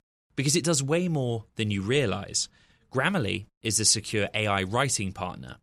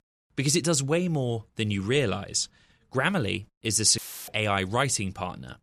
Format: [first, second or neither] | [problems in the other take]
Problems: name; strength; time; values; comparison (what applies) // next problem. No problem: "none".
first | audio cutting out; filled with static; at 4 s